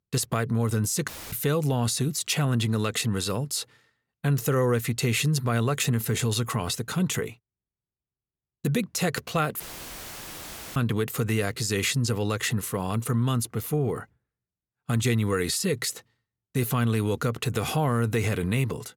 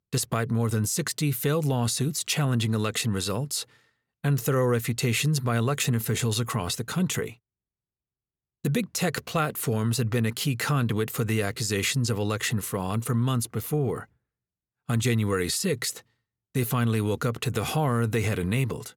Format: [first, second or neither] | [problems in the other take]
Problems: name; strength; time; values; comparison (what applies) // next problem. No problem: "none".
second | audio cutting out; filled with static; at 1 s and at 9.5 s for 1 s